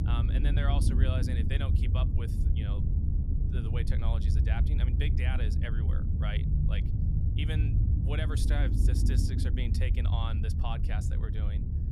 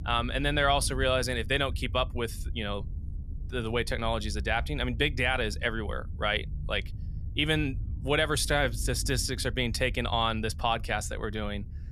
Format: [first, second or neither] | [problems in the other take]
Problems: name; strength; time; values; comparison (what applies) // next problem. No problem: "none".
second | low rumble; loud; throughout; 3 dB below the speech; faint in the second